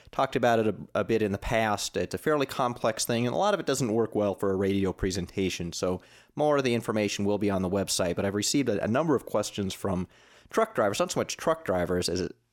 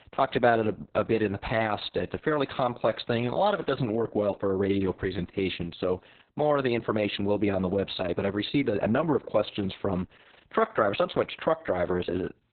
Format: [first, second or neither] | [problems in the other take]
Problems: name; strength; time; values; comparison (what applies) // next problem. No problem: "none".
first | garbled, watery; badly; nothing above 4 kHz